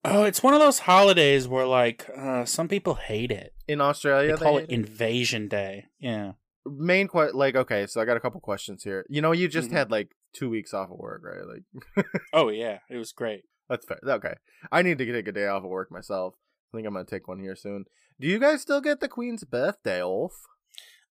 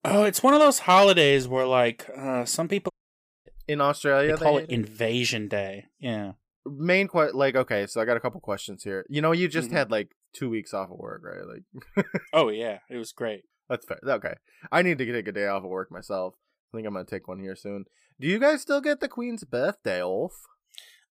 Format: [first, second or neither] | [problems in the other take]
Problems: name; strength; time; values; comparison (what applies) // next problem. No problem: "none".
first | audio cutting out; at 3 s for 0.5 s